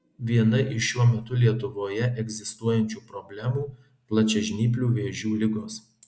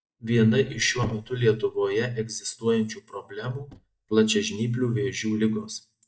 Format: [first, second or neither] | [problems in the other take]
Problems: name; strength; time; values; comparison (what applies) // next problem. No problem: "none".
first | noise reduction (neural mask model DeepFilterNet 3)